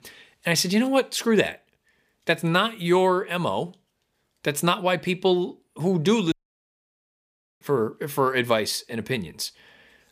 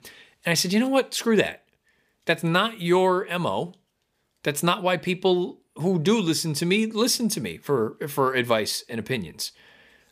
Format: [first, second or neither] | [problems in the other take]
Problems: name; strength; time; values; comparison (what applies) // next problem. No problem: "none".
second | audio cutting out; at 6.5 s for 1.5 s